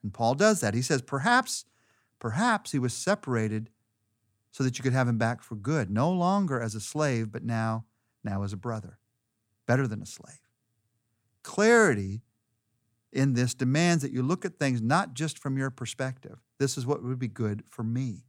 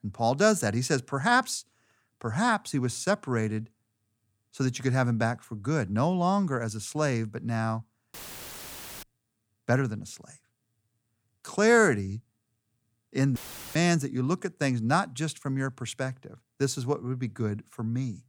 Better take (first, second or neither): first